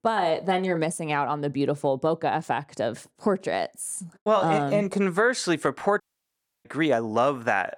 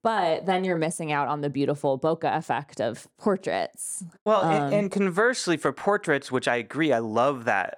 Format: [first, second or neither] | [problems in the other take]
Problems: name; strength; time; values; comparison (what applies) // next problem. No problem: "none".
second | audio cutting out; at 6 s for 0.5 s